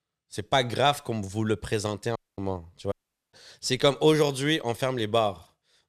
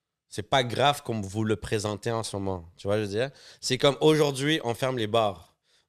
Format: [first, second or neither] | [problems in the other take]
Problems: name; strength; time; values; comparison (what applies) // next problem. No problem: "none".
second | audio cutting out; at 2 s and at 3 s